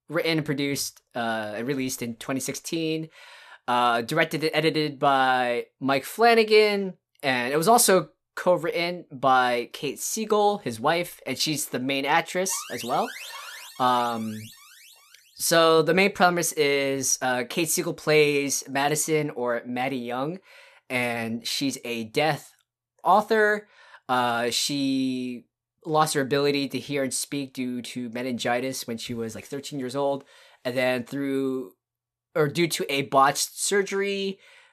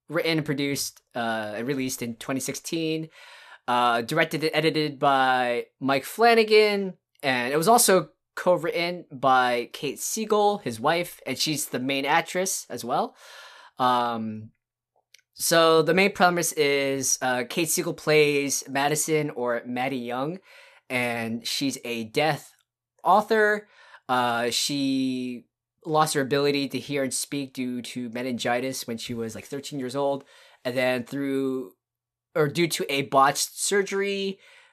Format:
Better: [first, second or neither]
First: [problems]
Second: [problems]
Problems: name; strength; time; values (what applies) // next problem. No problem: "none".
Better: second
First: alarm; faint; from 12 to 15 s; peak 10 dB below the speech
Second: none